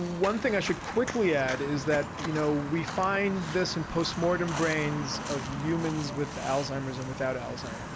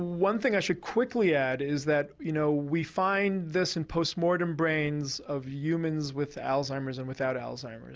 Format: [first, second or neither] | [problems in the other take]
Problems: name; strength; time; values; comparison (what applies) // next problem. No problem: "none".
second | background sound (Walk, footsteps); 8 dB below the speech